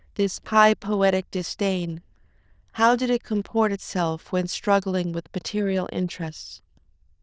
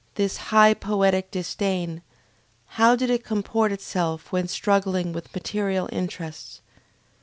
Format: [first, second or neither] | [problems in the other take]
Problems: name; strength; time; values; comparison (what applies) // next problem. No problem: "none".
second | noise reduction (neural diffusion model UNIVERSE++)